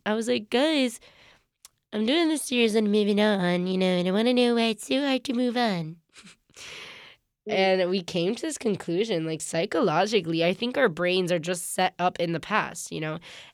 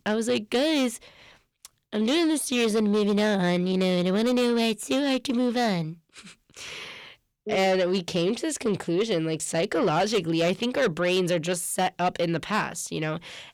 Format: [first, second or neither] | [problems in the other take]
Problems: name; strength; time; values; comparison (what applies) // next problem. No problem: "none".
first | distortion; slight; 10 dB below the speech